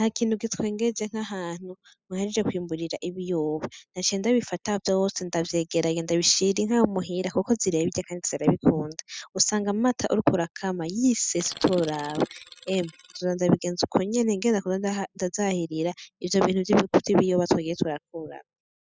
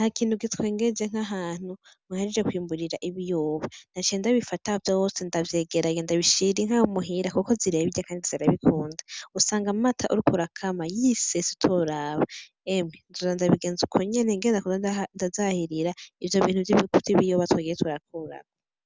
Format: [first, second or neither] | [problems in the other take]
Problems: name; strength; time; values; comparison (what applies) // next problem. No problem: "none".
second | noise reduction (classical method spectral subtraction)